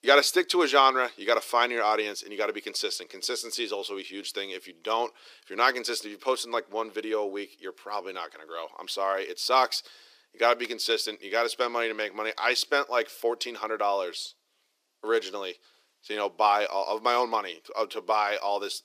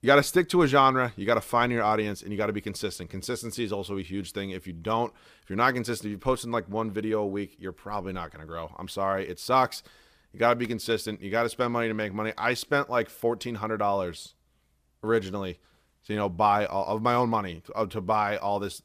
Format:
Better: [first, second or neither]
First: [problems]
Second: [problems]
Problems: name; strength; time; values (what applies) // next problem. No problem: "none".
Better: second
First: thin; somewhat; fading below 350 Hz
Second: none